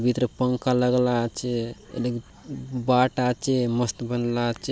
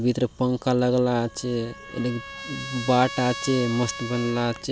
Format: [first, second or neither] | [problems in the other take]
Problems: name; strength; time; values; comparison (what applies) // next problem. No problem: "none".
first | background sound (Trumpet); 13 dB below the speech